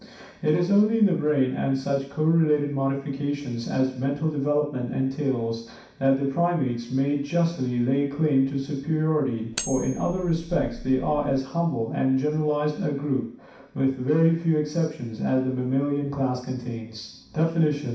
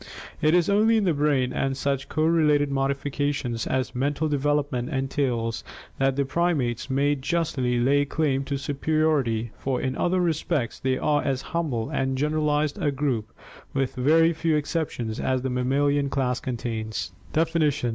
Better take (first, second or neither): second